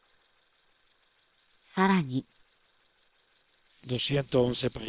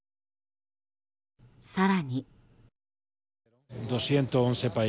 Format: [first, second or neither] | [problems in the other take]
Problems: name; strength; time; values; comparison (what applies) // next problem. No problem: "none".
second | noise reduction (neural separator model SepFormer WHAM!)